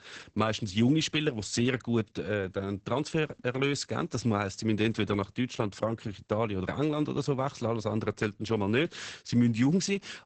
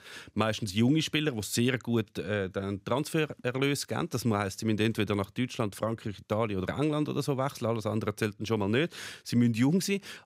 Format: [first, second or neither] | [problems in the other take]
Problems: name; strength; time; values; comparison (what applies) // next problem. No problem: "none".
second | garbled, watery; badly; nothing above 8 kHz